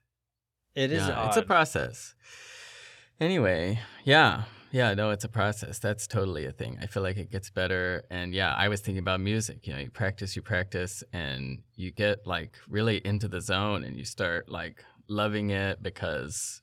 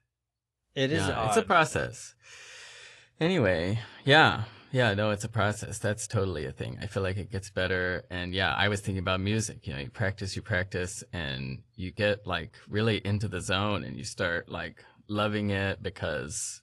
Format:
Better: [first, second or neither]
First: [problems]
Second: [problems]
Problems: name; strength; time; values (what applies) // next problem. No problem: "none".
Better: first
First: none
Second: garbled, watery; slightly; nothing above 11 kHz